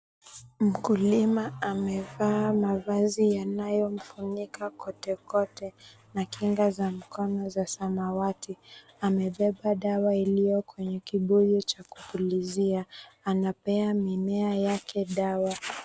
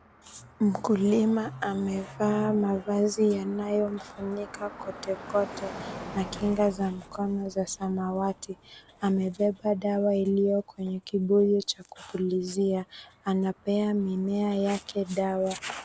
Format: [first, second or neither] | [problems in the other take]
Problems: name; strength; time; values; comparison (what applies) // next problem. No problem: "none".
first | background sound (Car passing by); 19 dB below the speech